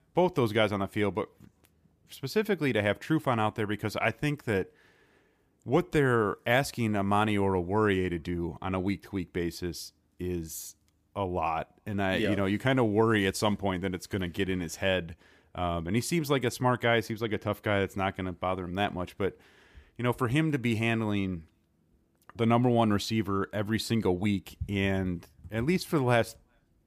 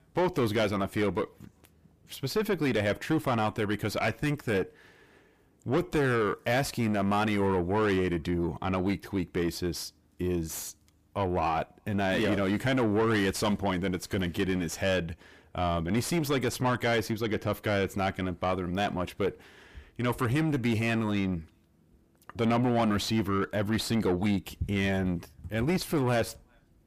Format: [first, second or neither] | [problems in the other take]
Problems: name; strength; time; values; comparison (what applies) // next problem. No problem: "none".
first | distortion; heavy; 6 dB below the speech